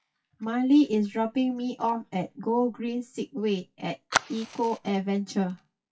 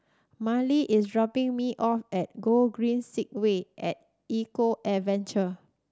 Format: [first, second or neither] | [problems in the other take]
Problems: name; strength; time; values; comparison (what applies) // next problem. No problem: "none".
second | noise reduction (classical method WPE with log-MMSE)